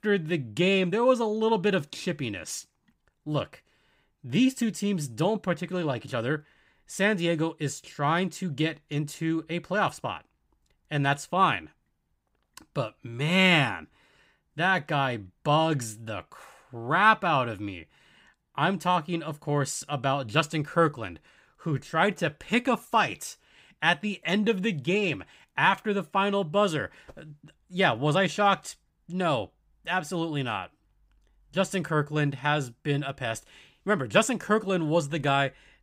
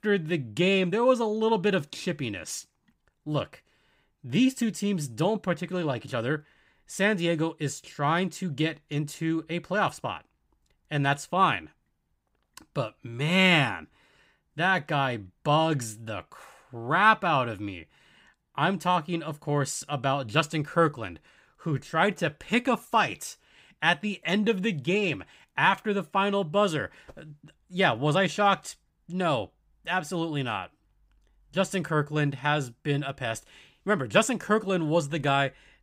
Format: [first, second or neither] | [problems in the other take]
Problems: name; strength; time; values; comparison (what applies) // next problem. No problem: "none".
neither | none